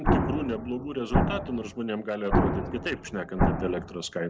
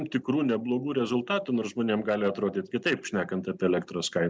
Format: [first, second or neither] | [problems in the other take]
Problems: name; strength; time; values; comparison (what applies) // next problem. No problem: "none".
second | background sound (Explosion); 4 dB above the speech